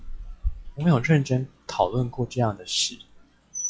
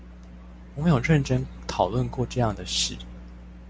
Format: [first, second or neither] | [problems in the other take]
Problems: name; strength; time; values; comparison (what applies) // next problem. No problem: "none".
second | noise reduction (classical method log-MMSE)